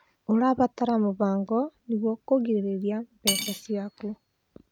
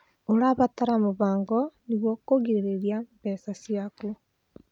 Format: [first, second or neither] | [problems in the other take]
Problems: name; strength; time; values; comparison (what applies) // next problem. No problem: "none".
second | background sound (Cutlery, silverware / Dishes, pots, and pans); 6 dB below the speech